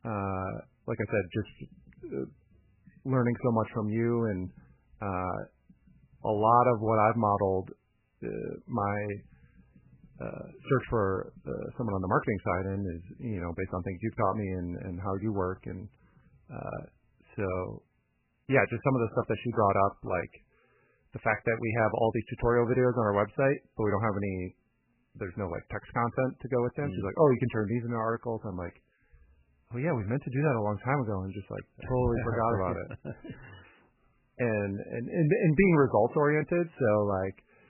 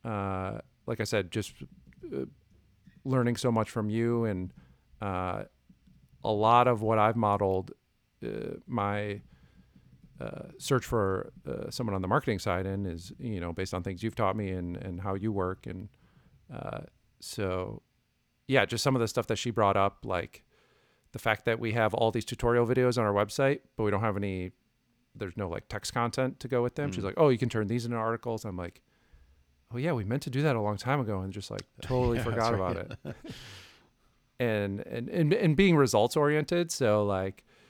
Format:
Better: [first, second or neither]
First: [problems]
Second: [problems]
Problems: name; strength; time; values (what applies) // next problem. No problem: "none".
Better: second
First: garbled, watery; badly; nothing above 2.5 kHz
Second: none